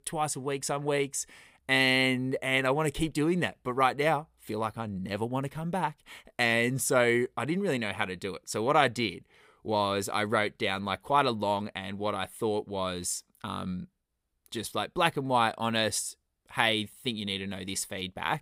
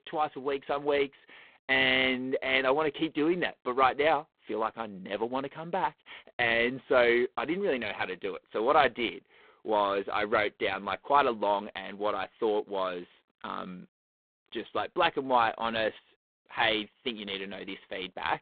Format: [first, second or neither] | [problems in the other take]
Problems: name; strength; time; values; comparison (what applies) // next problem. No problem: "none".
first | phone-call audio; poor line; nothing above 3.5 kHz